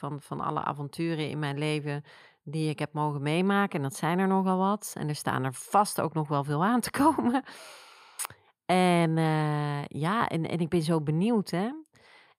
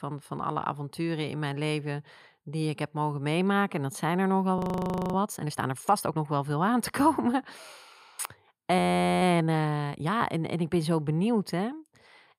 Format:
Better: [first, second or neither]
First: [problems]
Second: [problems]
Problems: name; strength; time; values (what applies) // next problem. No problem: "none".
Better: first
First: none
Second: audio freezing; at 4.5 s for 0.5 s and at 9 s